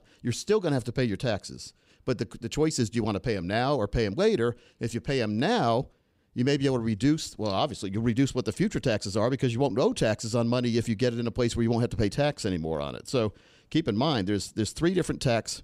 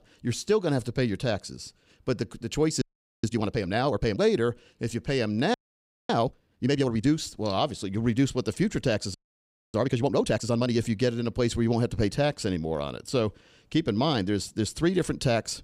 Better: first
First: none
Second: audio freezing; at 3 s, at 5.5 s for 0.5 s and at 9 s for 0.5 s

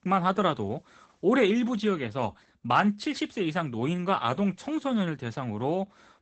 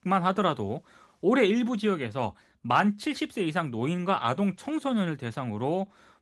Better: second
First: garbled, watery; badly; nothing above 8 kHz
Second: garbled, watery; slightly; nothing above 13 kHz

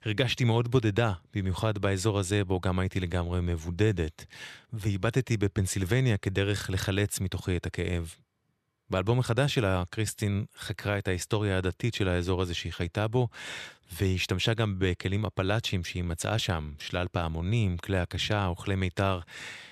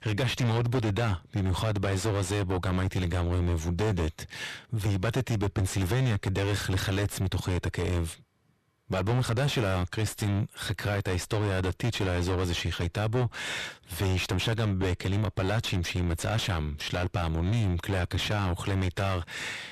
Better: first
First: none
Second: distortion; heavy; 6 dB below the speech

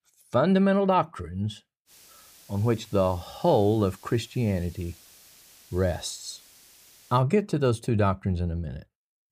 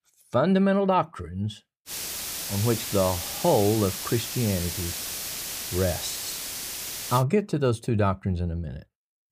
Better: first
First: hiss; faint; from 2 to 7 s; 25 dB below the speech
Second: hiss; loud; from 2 to 7 s; 5 dB below the speech

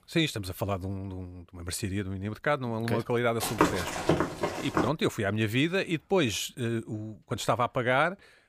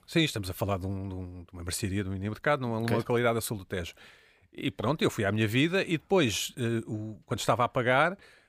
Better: second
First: footsteps; loud; from 3.5 to 5 s; peak 3 dB above the speech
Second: none

